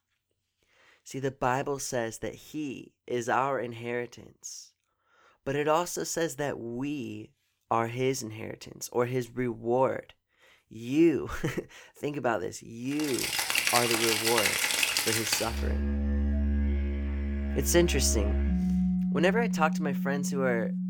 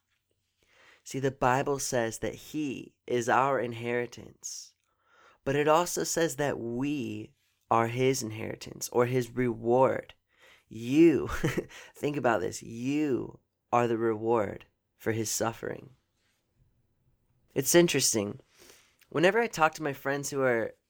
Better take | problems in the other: second | background music; very loud; from 13 s on; 2 dB above the speech

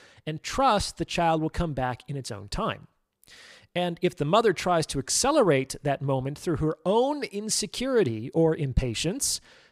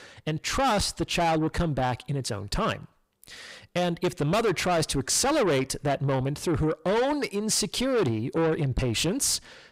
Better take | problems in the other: first | distortion; heavy; 7 dB below the speech

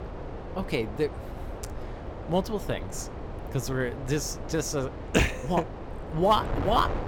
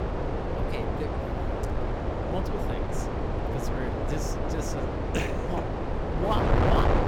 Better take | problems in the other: first | wind noise on the microphone; heavy; 4 dB above the speech; occasional gusts in the first

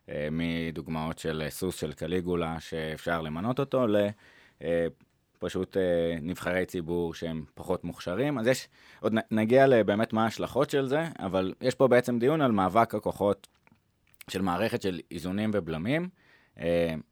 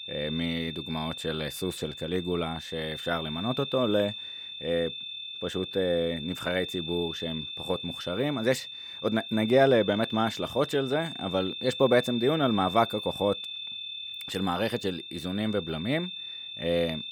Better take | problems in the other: first | high-pitched whine; loud; throughout; 3.5 kHz, 7 dB below the speech

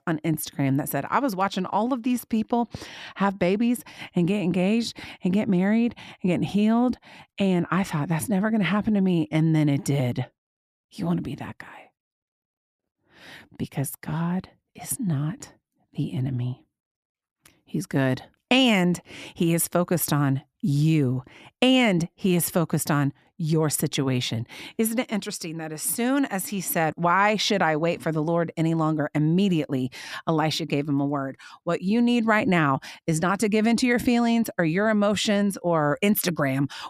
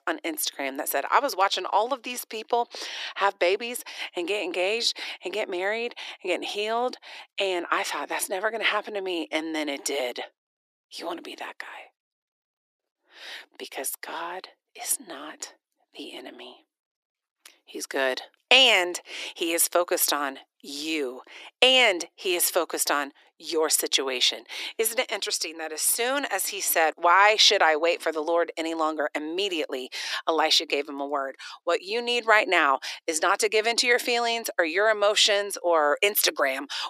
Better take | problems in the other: first | thin; very; fading below 350 Hz

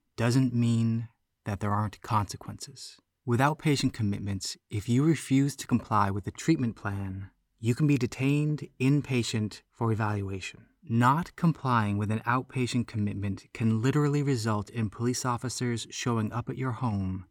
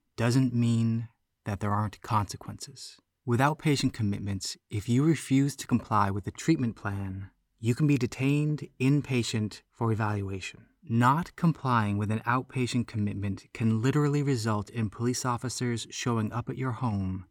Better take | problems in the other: neither | none

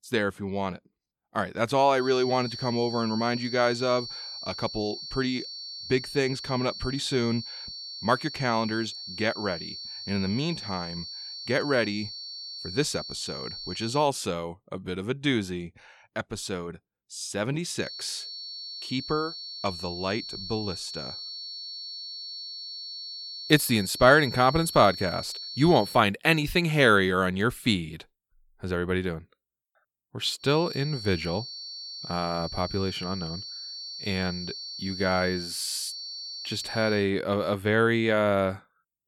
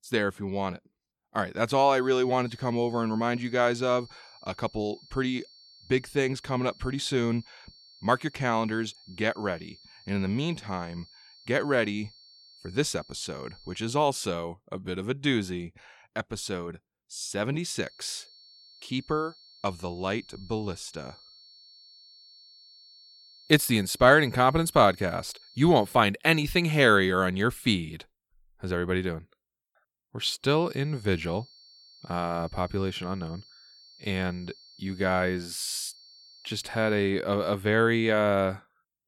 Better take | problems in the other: second | high-pitched whine; loud; from 2 to 14 s, from 18 to 26 s and from 30 to 37 s; 4.5 kHz, 9 dB below the speech; faint in the second

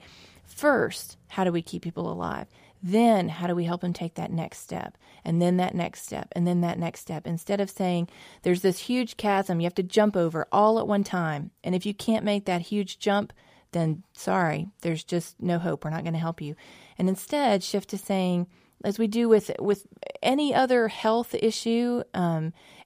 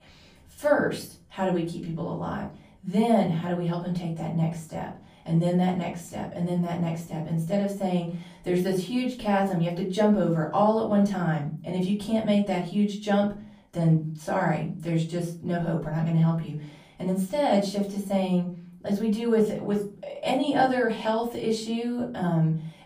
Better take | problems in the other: first | off-mic speech; far // room echo; slight; dies away in 0.4 s

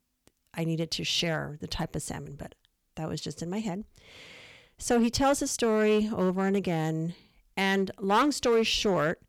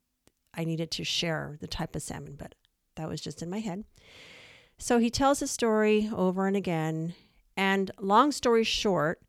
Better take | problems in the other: second | distortion; slight; 3% of the sound clipped

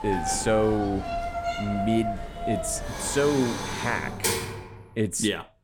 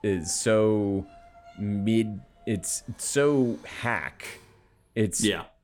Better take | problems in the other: second | household noises; loud; until 4.5 s; 4 dB below the speech; faint in the second

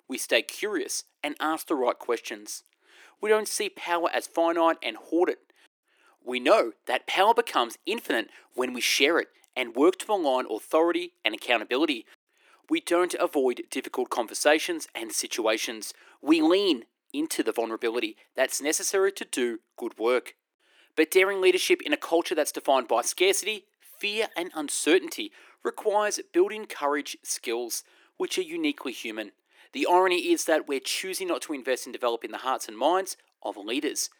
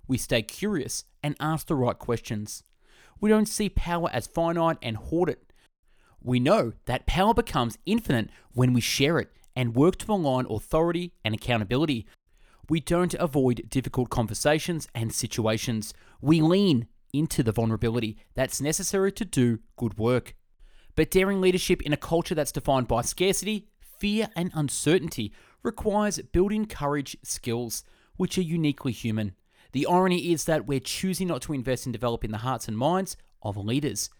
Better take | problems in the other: second | thin; somewhat; fading below 300 Hz

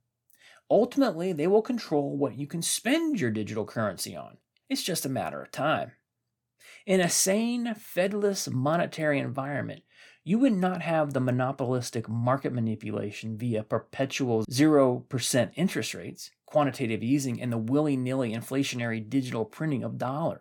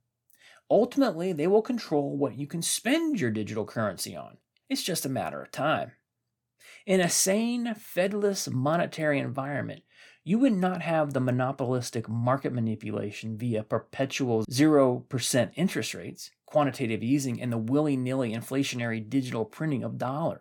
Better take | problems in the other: neither | none

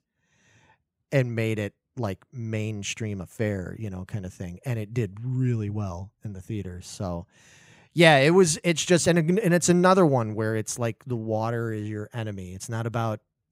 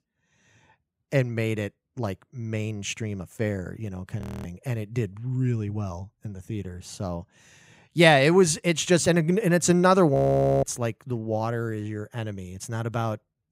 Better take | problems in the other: first | audio freezing; at 4 s and at 10 s

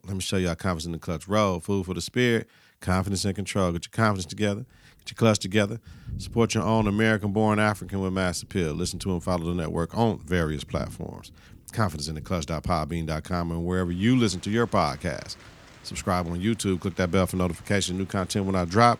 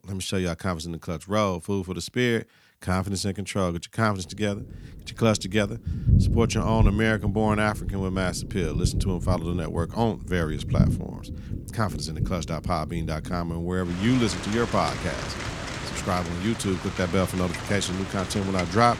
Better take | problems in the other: first | rain or running water; loud; from 4.5 s on; 4 dB below the speech; faint in the first

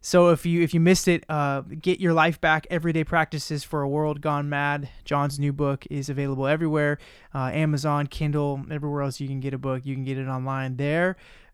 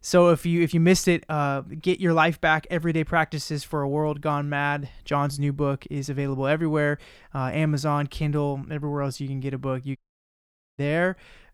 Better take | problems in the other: first | audio cutting out; at 10 s for 1 s

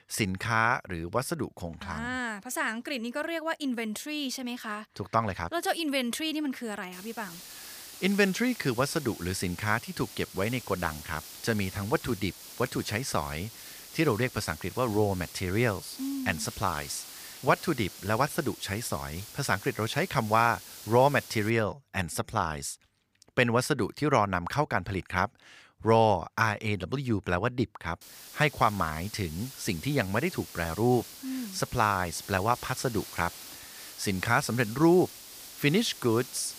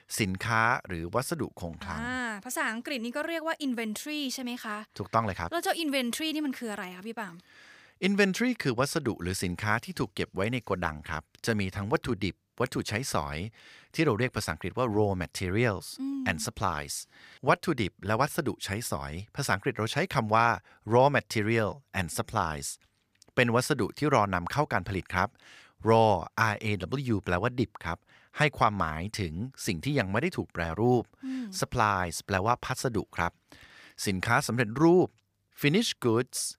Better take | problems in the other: second | hiss; noticeable; from 7 to 22 s and from 28 s on; 15 dB below the speech

